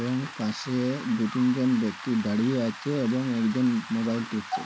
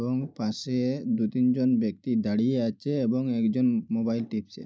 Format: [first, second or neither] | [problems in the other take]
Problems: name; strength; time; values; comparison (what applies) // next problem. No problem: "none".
second | background sound (Dog + Rain); 13 dB below the speech